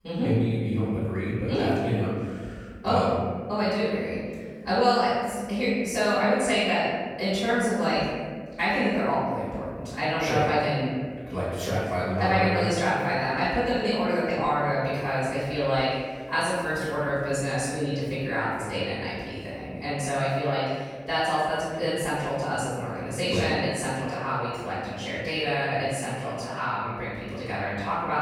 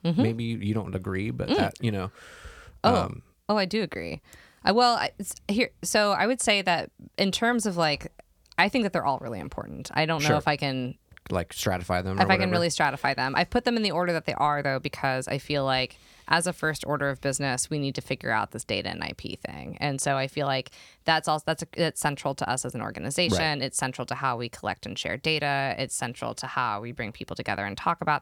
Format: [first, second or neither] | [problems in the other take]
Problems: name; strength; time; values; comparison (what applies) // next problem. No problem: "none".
second | off-mic speech; far // room echo; strong; dies away in 1.7 s